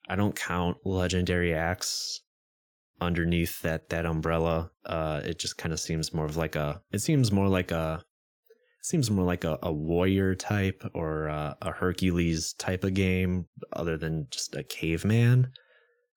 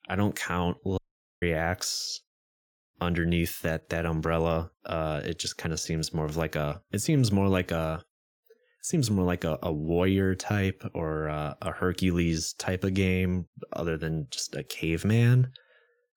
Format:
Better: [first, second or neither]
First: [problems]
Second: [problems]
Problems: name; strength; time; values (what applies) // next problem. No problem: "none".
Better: first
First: none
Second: audio cutting out; at 1 s